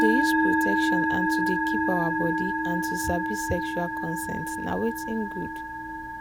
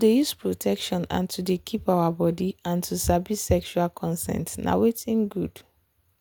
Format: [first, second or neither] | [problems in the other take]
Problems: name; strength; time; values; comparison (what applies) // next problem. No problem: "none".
second | background sound (Musical instrument); 5 dB above the speech